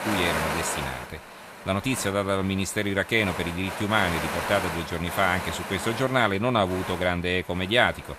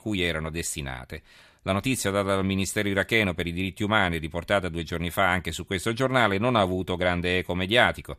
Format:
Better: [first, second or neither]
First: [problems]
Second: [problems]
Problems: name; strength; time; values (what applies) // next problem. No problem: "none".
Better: second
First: wind noise on the microphone; heavy; 6 dB below the speech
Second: none